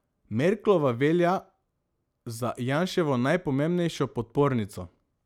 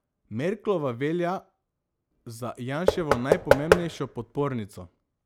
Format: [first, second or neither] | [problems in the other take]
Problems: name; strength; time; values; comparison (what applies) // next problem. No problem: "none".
first | background sound (Knock / Wood); 4 dB above the speech